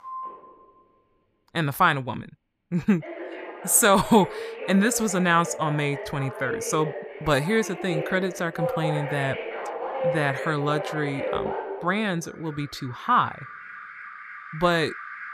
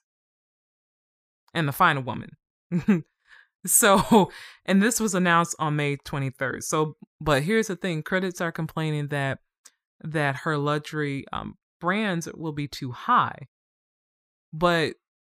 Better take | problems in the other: second | alarms or sirens; loud; throughout; 9 dB below the speech

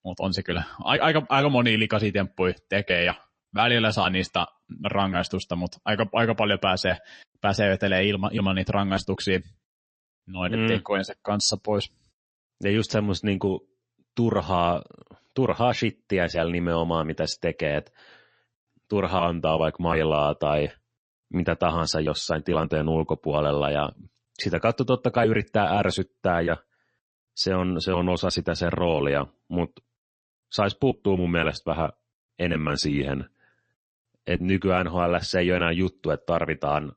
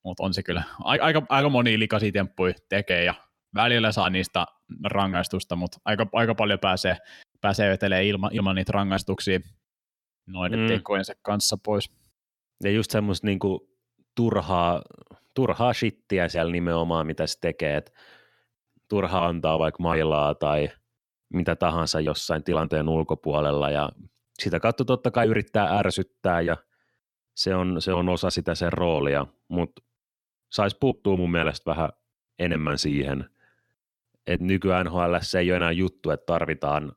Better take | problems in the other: second | garbled, watery; slightly; nothing above 8 kHz

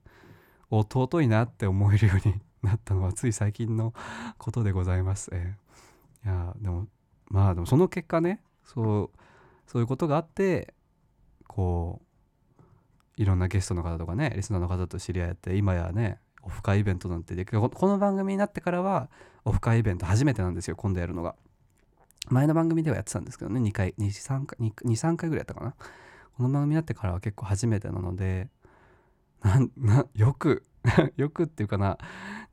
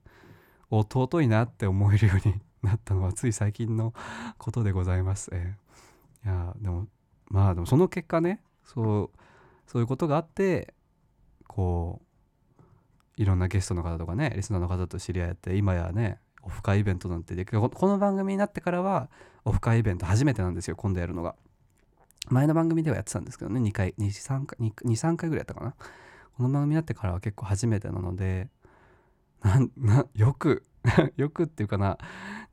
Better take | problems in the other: neither | none

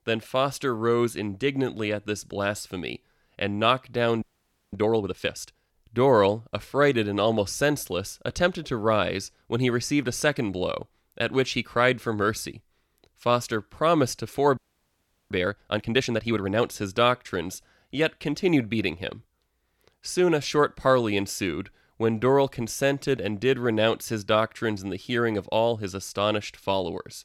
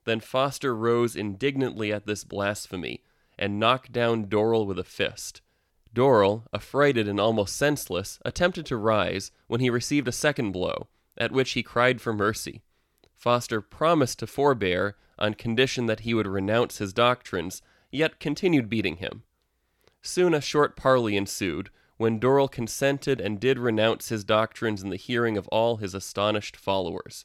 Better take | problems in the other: second | audio freezing; at 4 s for 0.5 s and at 15 s for 0.5 s

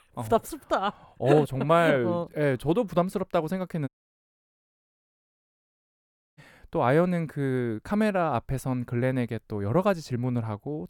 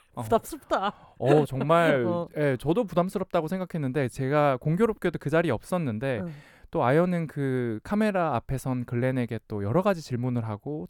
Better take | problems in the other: second | audio cutting out; at 4 s for 2.5 s

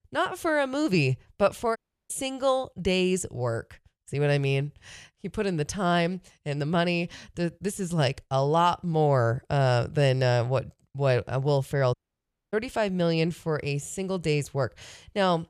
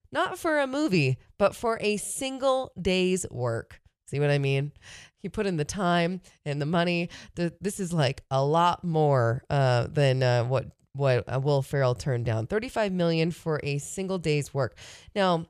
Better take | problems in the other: second | audio cutting out; at 2 s and at 12 s for 0.5 s

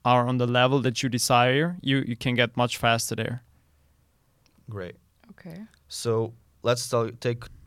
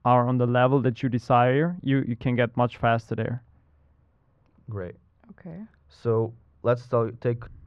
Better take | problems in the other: first | muffled; very; fading above 1.5 kHz

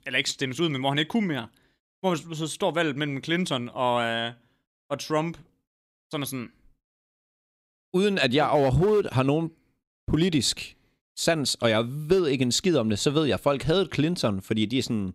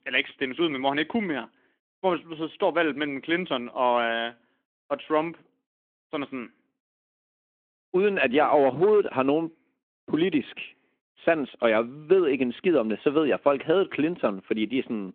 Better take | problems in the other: first | phone-call audio; nothing above 3.5 kHz

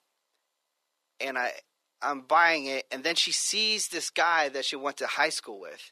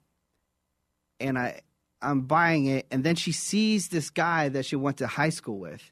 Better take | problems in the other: second | thin; very; fading below 500 Hz

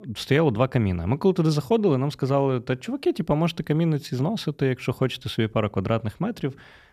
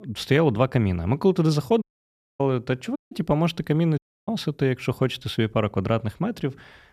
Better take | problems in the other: first | audio cutting out; at 2 s for 0.5 s, at 3 s and at 4 s

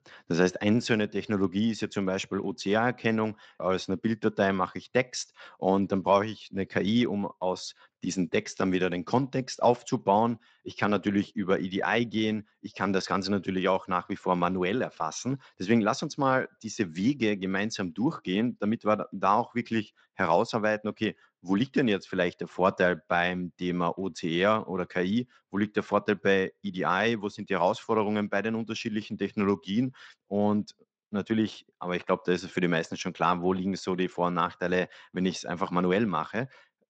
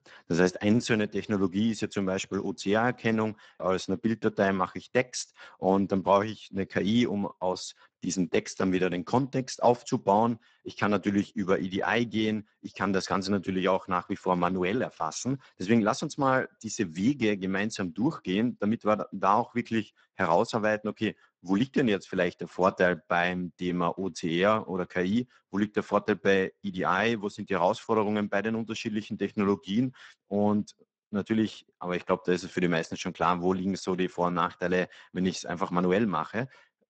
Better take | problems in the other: first | garbled, watery; badly; nothing above 8 kHz; slightly in the first

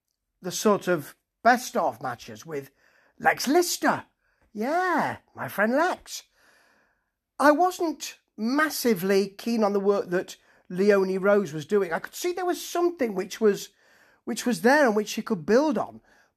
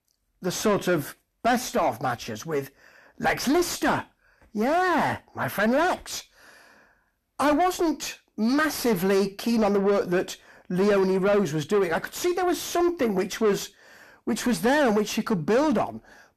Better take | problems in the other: first | distortion; heavy; 7 dB below the speech

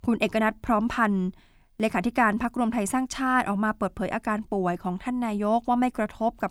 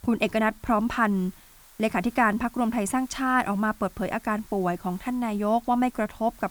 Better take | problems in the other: first | hiss; faint; throughout; 25 dB below the speech

